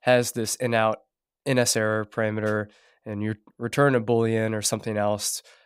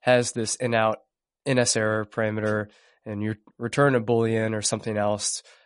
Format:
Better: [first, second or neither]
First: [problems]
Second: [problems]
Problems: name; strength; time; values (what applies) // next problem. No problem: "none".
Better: first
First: none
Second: garbled, watery; slightly; nothing above 10.5 kHz